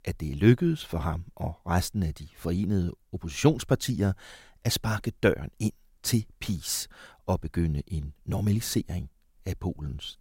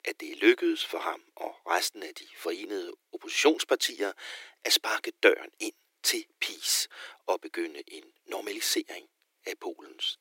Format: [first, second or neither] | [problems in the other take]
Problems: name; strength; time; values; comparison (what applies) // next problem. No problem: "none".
first | thin; very; fading below 300 Hz